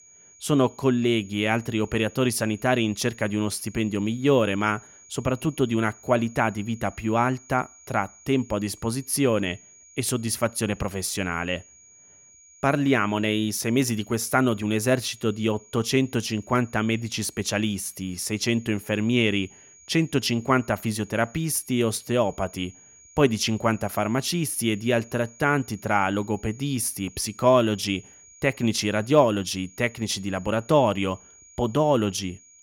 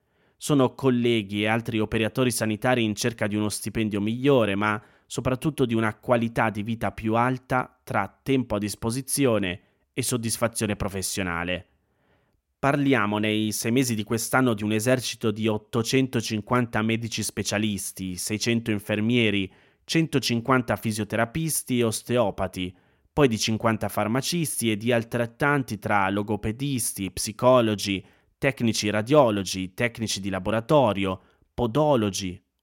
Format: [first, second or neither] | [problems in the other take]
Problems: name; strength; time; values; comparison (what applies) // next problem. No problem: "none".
second | high-pitched whine; faint; throughout; 6.5 kHz, 25 dB below the speech